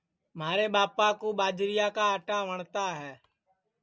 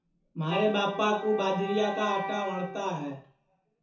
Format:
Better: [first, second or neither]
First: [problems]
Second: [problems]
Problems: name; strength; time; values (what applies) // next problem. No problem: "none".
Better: first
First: none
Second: background sound (Wind instrument, woodwind instrument); 9 dB below the speech // room echo; dies away in 0.7 s